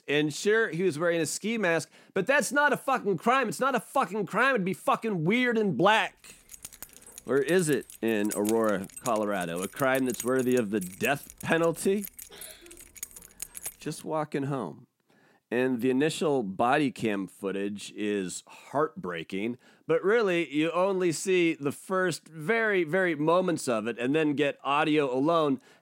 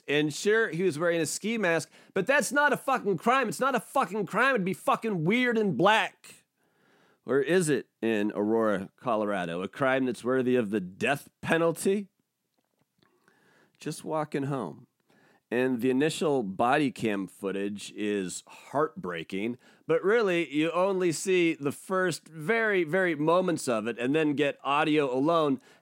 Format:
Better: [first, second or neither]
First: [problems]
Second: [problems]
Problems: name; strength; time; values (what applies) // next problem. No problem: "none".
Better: second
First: jangling keys; noticeable; from 6.5 to 14 s; peak 9 dB below the speech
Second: none